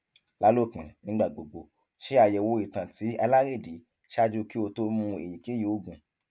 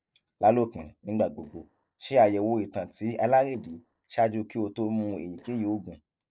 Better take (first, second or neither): first